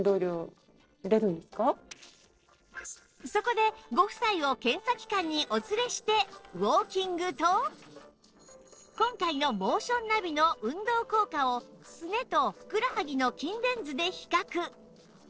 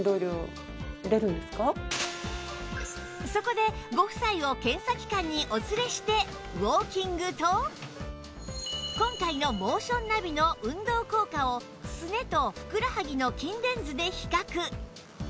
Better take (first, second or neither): second